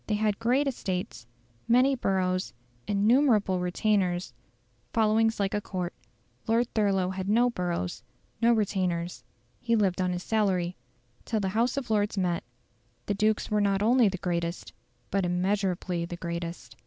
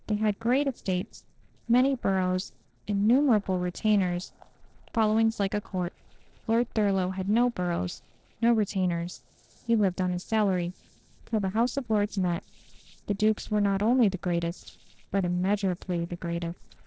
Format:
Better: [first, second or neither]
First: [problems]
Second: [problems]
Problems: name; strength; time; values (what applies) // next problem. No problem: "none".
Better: first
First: none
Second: noise reduction (neural separator model SepFormer DNS4)